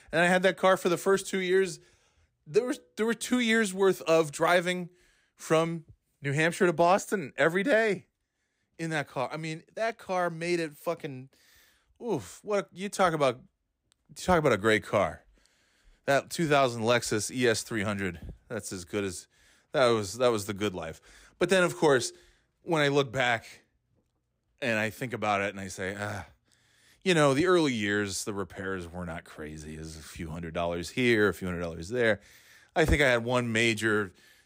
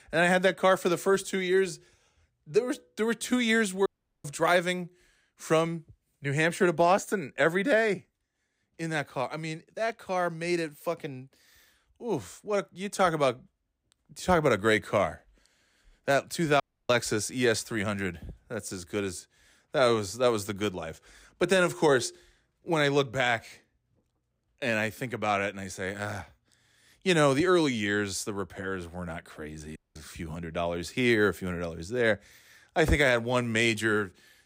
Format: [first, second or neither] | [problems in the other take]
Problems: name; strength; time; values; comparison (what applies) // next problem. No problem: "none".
first | audio cutting out; at 4 s, at 17 s and at 30 s